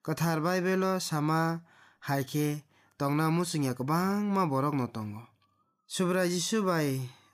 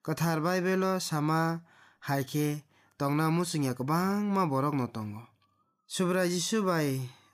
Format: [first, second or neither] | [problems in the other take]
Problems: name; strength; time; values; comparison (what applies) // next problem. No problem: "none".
neither | none